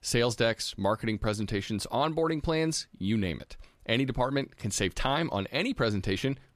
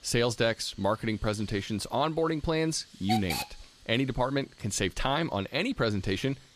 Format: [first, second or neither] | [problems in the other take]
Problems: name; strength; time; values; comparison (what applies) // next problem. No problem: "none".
first | hiss; loud; throughout; 6 dB below the speech